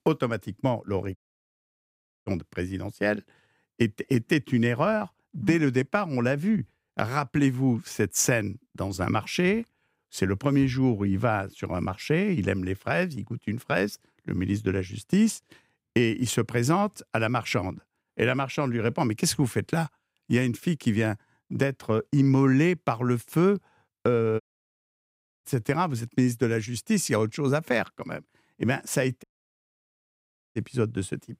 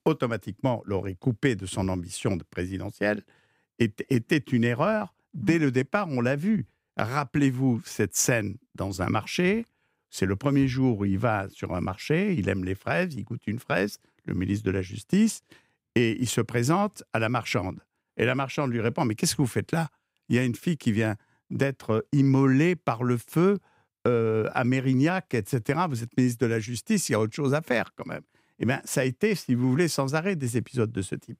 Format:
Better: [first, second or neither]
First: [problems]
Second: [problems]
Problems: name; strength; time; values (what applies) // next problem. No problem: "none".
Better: second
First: audio cutting out; at 1 s for 1 s, at 24 s for 1 s and at 29 s for 1.5 s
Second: none